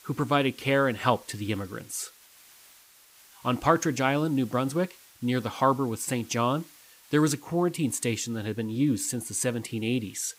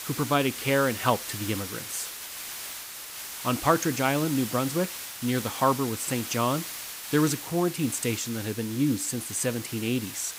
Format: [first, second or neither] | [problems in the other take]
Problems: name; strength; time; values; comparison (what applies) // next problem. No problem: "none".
first | hiss; loud; throughout; 8 dB below the speech; faint in the first